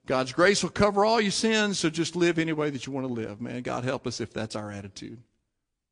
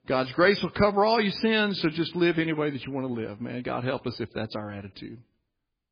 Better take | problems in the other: first | garbled, watery; badly; nothing above 5 kHz; slightly in the first

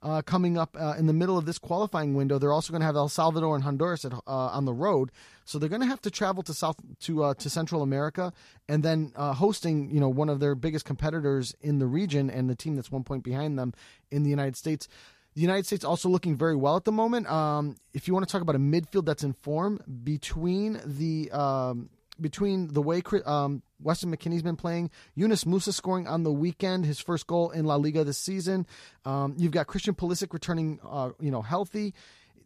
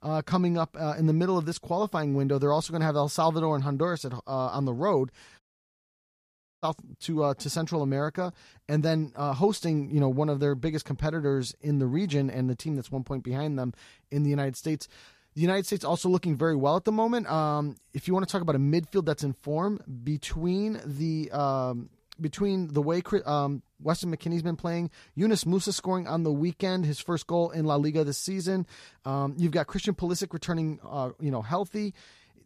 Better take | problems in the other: first | audio cutting out; at 5.5 s for 1 s

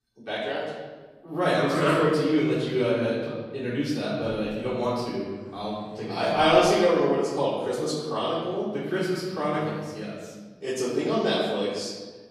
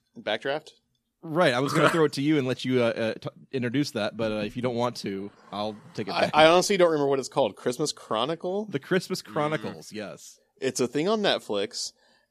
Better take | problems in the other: second | off-mic speech; far // room echo; noticeable; dies away in 1.3 s

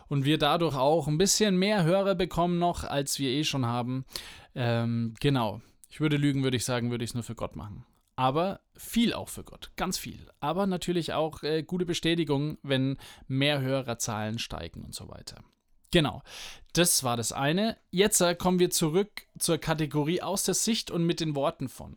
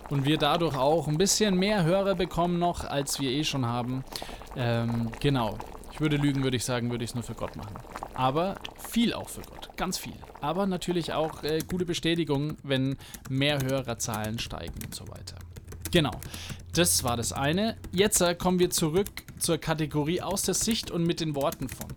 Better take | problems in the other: first | household noises; noticeable; throughout; 15 dB below the speech

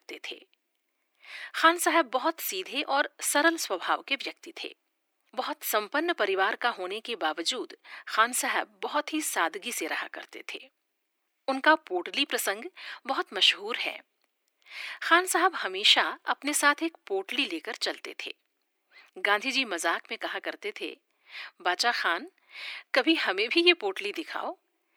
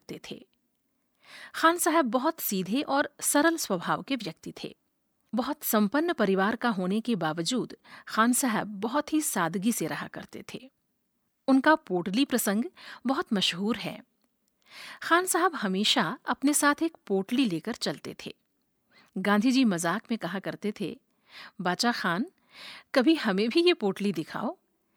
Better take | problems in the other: second | thin; very; fading below 350 Hz

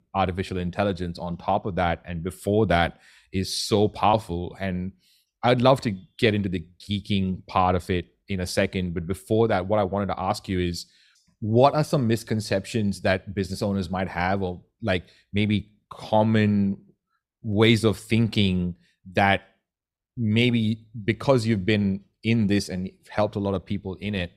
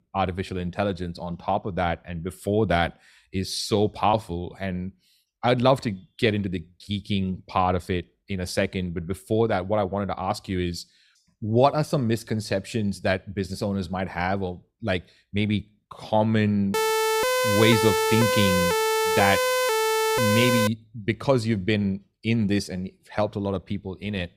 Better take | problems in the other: first | siren; loud; from 17 to 21 s; peak 4 dB above the speech

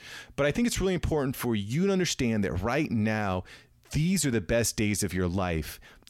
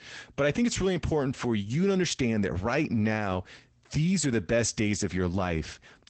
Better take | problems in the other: first | garbled, watery; badly; nothing above 8 kHz

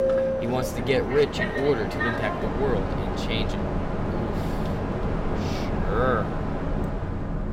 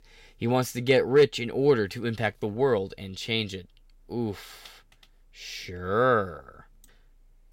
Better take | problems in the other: second | train or aircraft noise; very loud; throughout; as loud as the speech

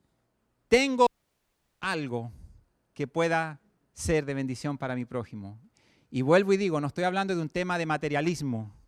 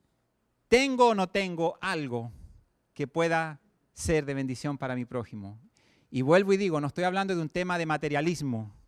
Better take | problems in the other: second | audio cutting out; at 1 s for 0.5 s

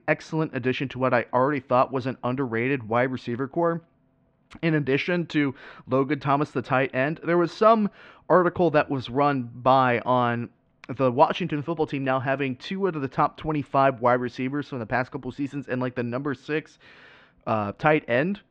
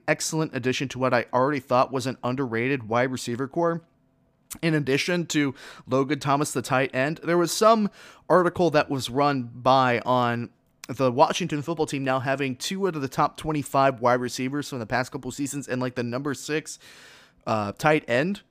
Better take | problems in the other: second | muffled; slightly; fading above 3 kHz

